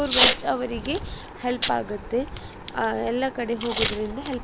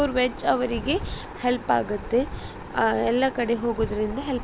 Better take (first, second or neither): second